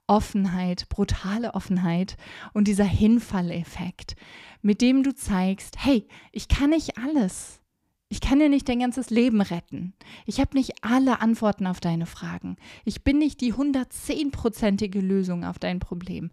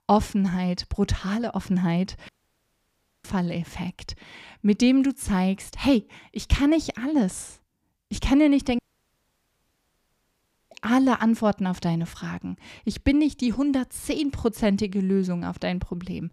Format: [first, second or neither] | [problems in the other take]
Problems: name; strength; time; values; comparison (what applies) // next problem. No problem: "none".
first | audio cutting out; at 2.5 s for 1 s and at 9 s for 2 s